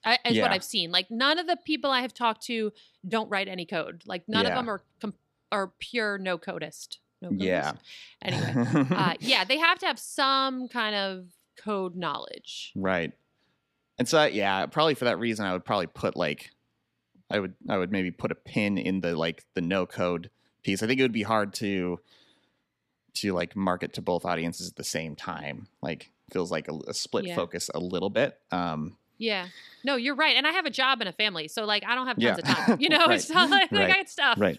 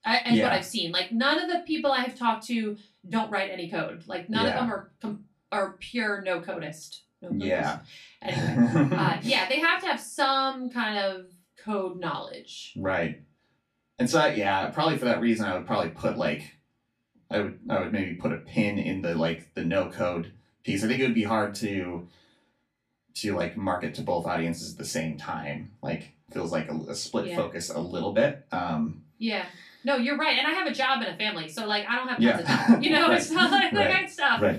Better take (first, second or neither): first